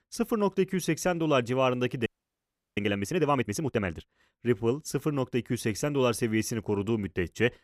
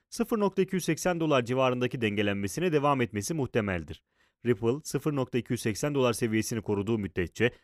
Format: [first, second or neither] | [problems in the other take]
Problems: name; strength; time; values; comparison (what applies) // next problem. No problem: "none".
second | audio freezing; at 2 s for 0.5 s